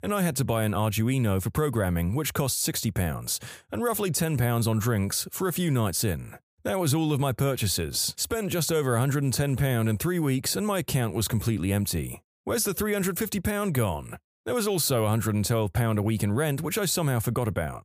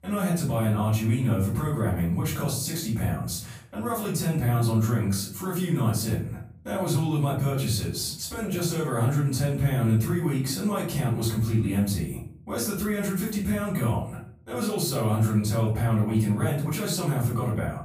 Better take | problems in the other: first | room echo; noticeable; dies away in 0.5 s // off-mic speech; far

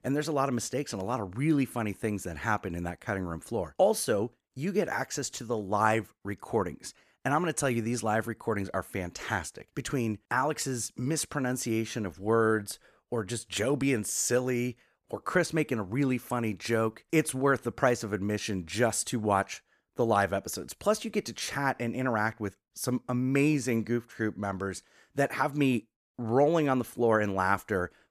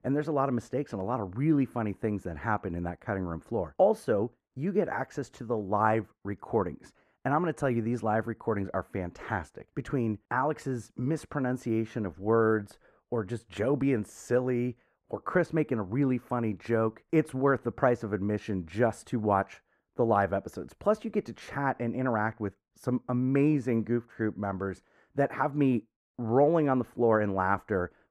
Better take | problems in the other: first | muffled; very; fading above 2.5 kHz

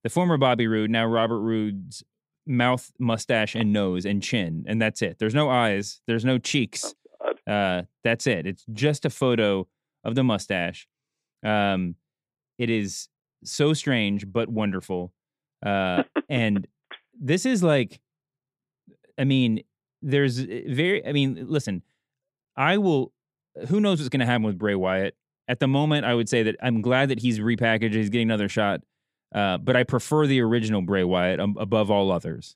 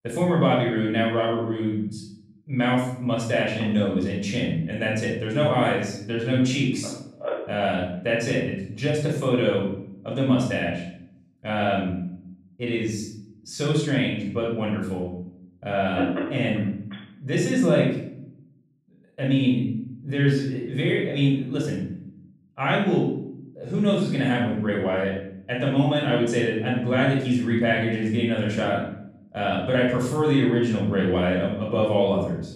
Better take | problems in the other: first | off-mic speech; far // room echo; noticeable; dies away in 0.6 s

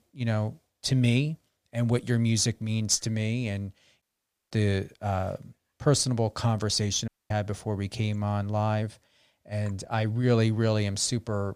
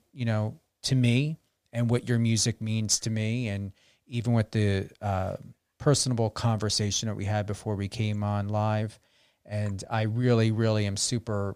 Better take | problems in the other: second | audio cutting out; at 4 s and at 7 s

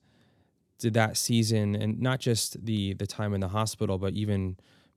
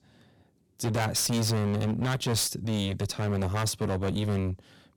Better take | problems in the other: first | distortion; heavy; 19% of the sound clipped

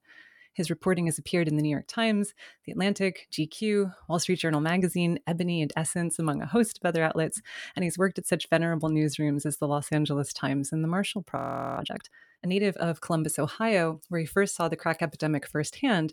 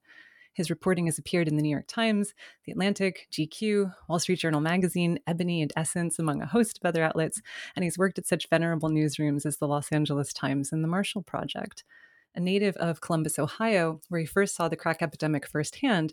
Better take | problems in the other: second | audio freezing; at 11 s

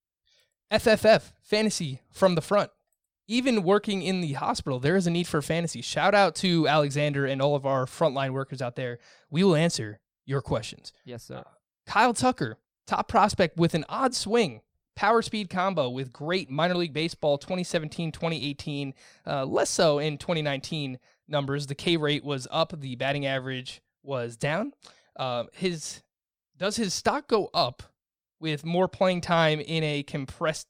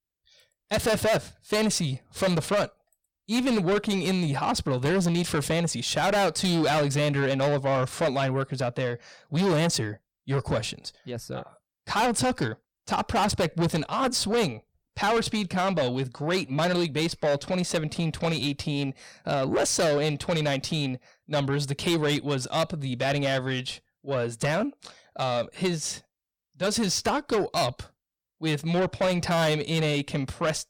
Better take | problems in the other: first | distortion; heavy; 7 dB below the speech

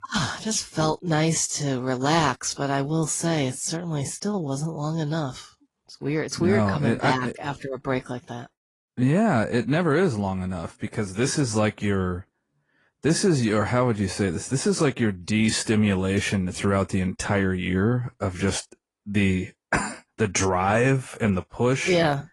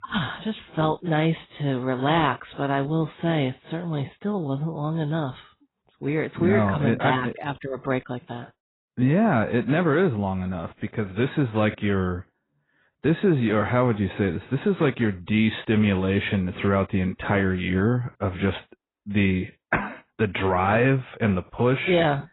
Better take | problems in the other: first | garbled, watery; badly; nothing above 4 kHz; slightly in the first

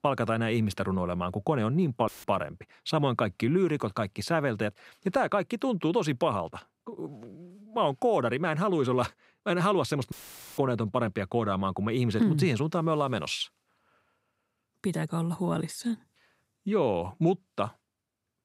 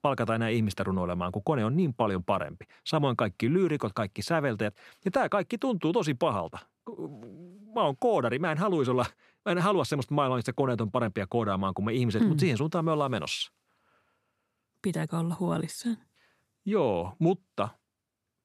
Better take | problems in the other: second | audio cutting out; filled with static; at 2 s and at 10 s

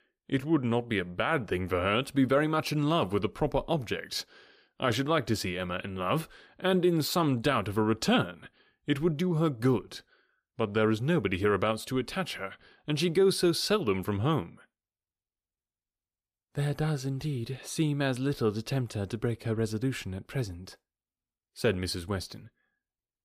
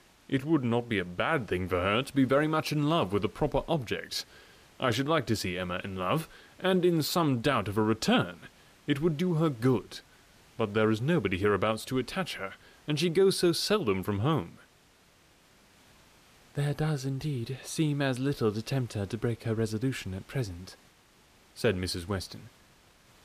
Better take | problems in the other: first | hiss; faint; throughout; 30 dB below the speech

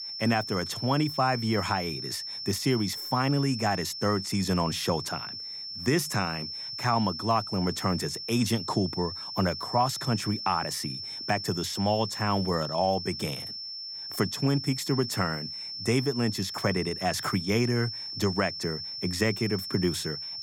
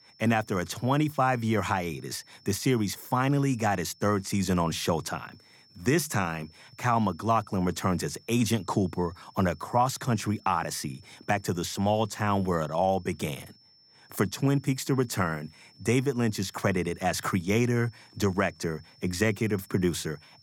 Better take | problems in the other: second | high-pitched whine; loud; throughout; 5.5 kHz, 6 dB below the speech; faint in the second

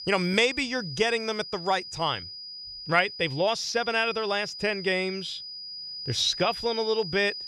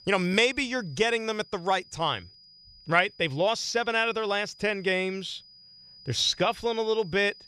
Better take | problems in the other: second | high-pitched whine; loud; throughout; 5 kHz, 10 dB below the speech; faint in the second

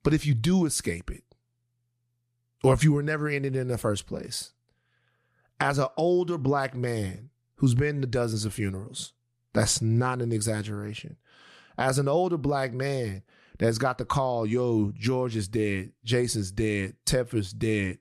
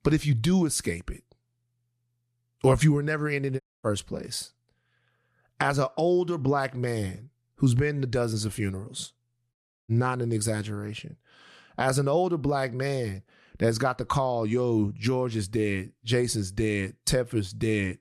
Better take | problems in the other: first | audio cutting out; at 3.5 s and at 9.5 s

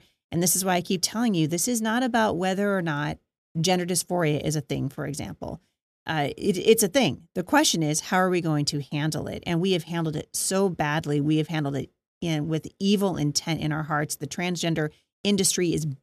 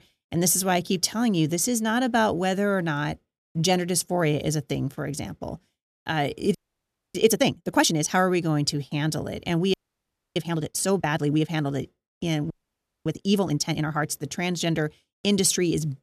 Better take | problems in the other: first | audio freezing; at 6.5 s for 0.5 s, at 9.5 s for 0.5 s and at 13 s for 0.5 s

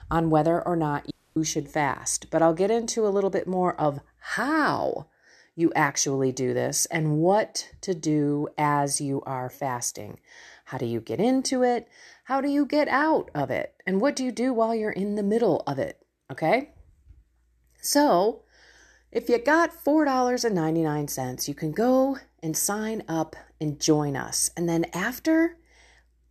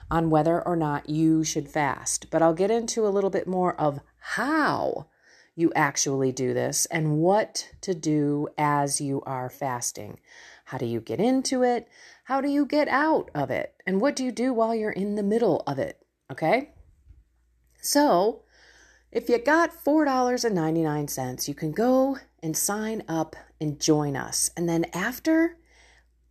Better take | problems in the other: second | audio cutting out; at 1 s

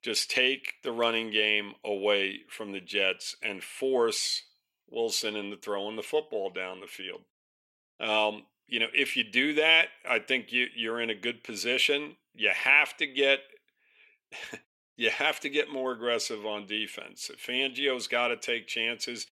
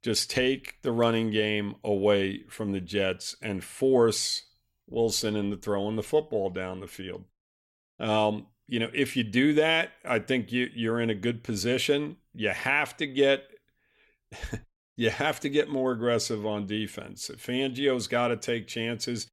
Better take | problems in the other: second | thin; somewhat; fading below 350 Hz

